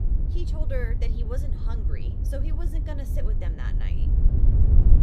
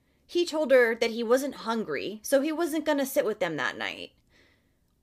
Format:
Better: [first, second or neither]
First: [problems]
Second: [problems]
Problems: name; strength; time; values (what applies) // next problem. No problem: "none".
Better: second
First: wind noise on the microphone; heavy; 2 dB below the speech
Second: none